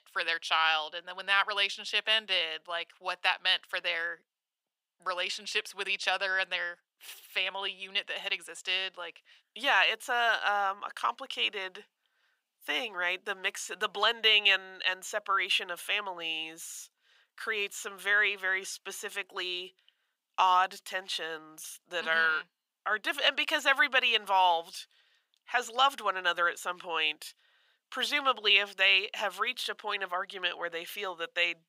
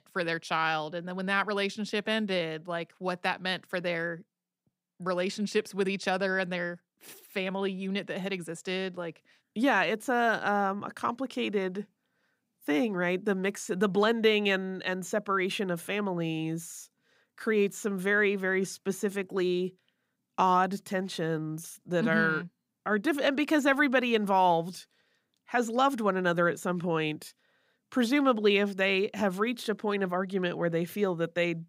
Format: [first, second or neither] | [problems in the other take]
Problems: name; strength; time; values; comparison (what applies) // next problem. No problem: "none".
second | thin; very; fading below 900 Hz